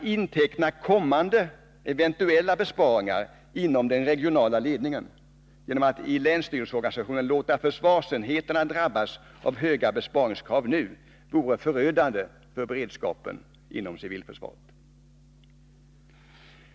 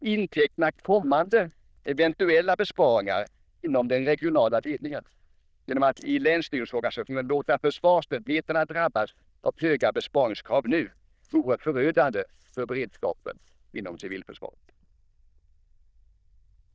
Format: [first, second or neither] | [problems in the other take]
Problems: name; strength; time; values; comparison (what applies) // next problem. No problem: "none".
first | noise reduction (neural diffusion model UNIVERSE++)